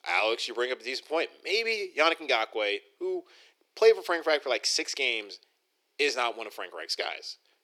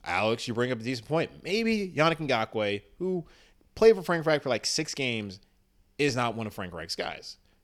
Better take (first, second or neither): second